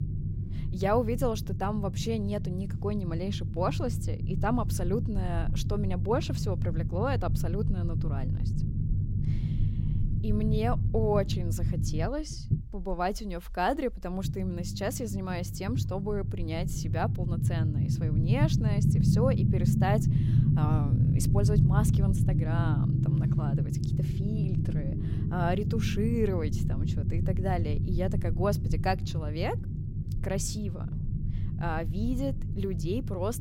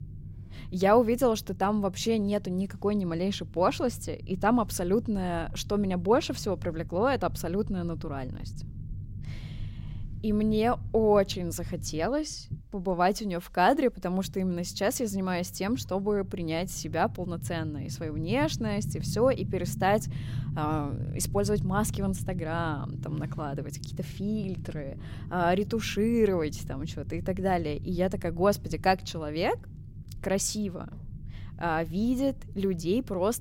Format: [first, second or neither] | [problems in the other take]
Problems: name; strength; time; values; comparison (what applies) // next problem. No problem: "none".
second | low rumble; loud; throughout; 7 dB below the speech; faint in the second